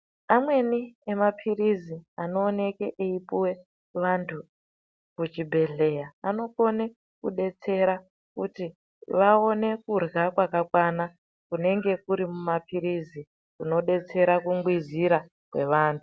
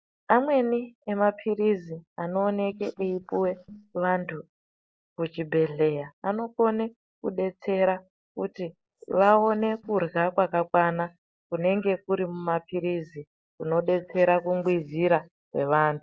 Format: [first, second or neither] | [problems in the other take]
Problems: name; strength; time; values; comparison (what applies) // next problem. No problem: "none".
first | noise reduction (neural mask model Resemble Enhance denoiser)